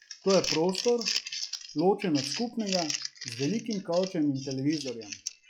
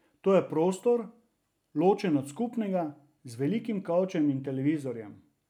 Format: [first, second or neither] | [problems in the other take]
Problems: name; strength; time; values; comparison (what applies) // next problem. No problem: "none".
second | noise reduction (classical method log-MMSE)